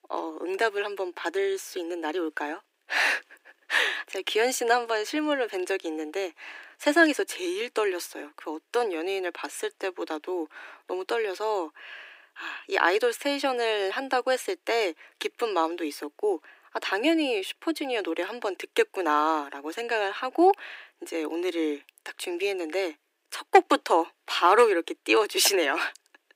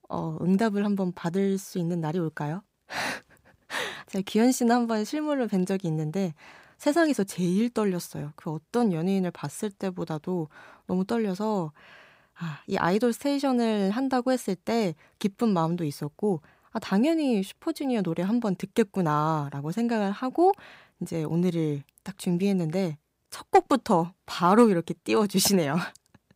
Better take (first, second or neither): second